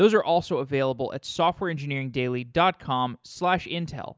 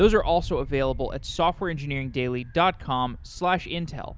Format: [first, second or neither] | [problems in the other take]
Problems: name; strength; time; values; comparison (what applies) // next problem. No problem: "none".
first | background sound (Wind); 11 dB below the speech